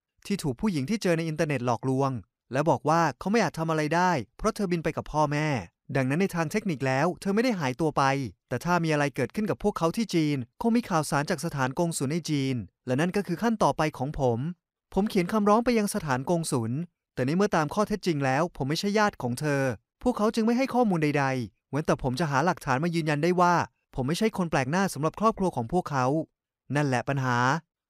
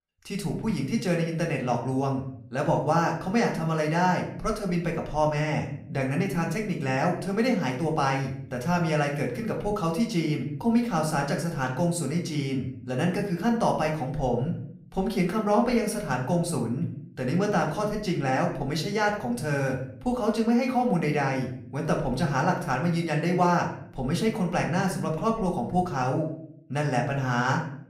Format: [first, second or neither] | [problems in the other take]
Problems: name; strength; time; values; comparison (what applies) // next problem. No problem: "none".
first | room echo; slight; dies away in 0.5 s // off-mic speech; somewhat distant